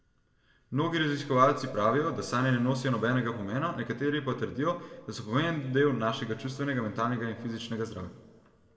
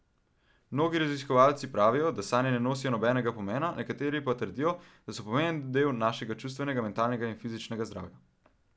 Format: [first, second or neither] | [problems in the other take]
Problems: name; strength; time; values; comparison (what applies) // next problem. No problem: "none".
second | room echo; dies away in 1.2 s